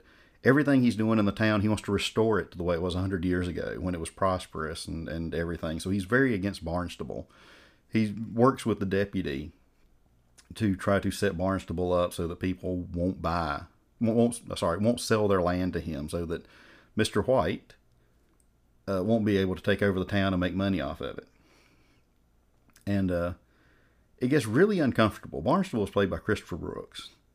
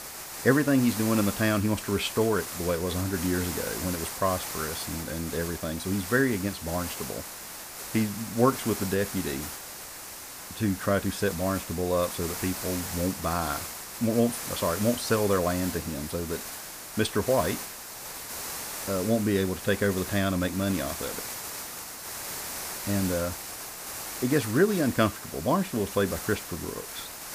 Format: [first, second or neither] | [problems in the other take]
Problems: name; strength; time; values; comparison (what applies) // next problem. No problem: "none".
first | hiss; loud; throughout; 7 dB below the speech